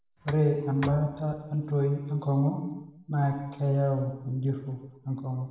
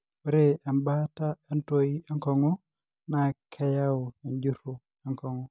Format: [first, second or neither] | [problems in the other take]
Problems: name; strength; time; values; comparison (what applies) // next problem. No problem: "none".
second | background sound (Tick); 15 dB below the speech // room echo; dies away in 0.9 s